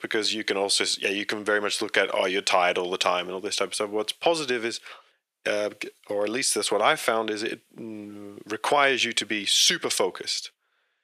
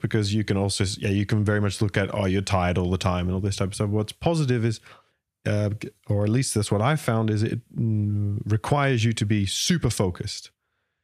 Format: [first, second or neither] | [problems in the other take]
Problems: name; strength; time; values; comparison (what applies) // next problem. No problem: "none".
second | thin; very; fading below 400 Hz